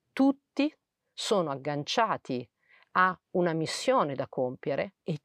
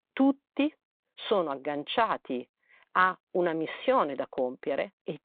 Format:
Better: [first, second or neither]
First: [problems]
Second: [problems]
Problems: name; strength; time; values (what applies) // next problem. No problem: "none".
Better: first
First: none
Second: phone-call audio; nothing above 3.5 kHz